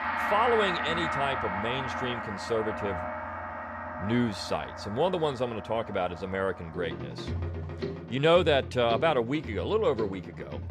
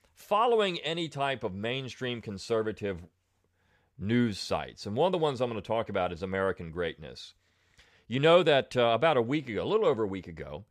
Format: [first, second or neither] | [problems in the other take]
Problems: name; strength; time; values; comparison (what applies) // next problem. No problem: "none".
second | background music; loud; throughout; 6 dB below the speech